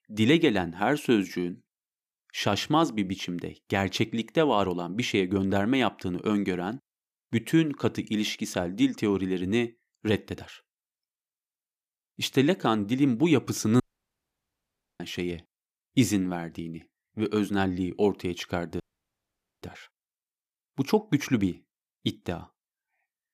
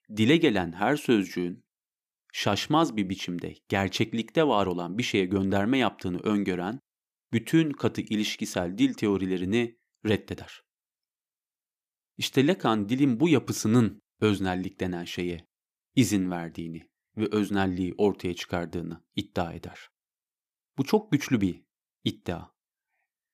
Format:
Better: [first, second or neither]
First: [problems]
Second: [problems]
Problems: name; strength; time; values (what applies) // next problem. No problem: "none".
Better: second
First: audio cutting out; at 14 s for 1 s and at 19 s for 1 s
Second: none